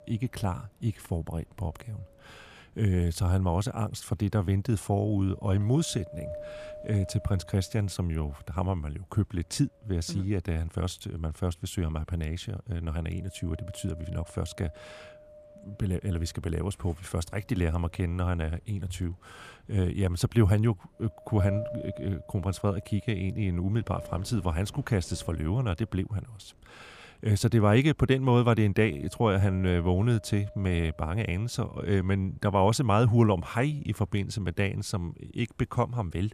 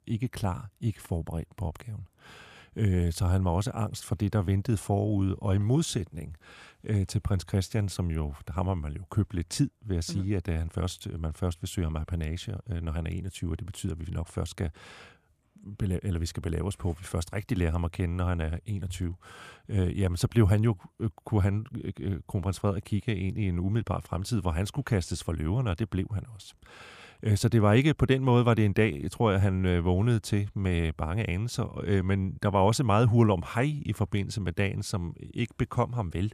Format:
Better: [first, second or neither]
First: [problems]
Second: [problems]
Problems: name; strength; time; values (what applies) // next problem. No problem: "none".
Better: second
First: wind noise on the microphone; occasional gusts; 15 dB below the speech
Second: none